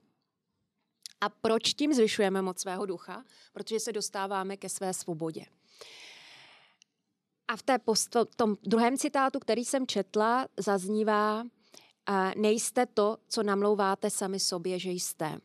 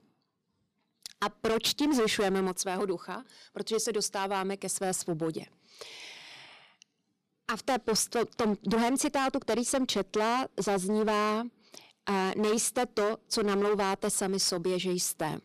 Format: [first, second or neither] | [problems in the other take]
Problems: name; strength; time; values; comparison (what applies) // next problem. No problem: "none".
first | distortion; heavy; 12% of the sound clipped